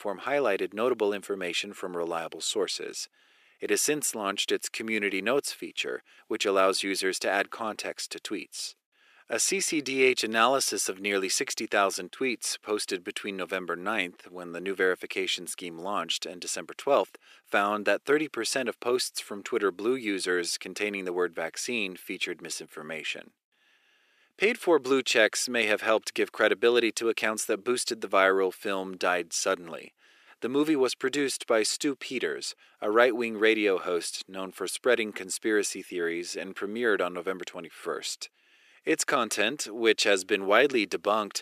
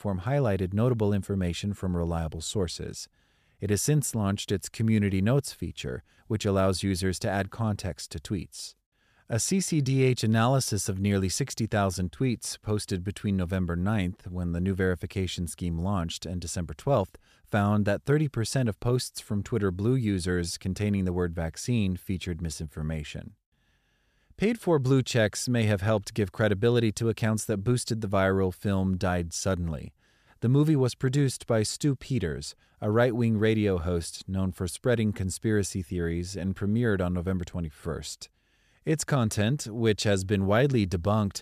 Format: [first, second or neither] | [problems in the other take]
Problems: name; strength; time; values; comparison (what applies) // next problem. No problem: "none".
second | thin; very; fading below 350 Hz